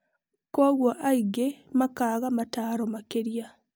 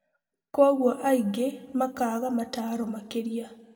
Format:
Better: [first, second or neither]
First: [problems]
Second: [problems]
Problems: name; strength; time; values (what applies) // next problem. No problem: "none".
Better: first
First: none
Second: room echo; dies away in 1.1 s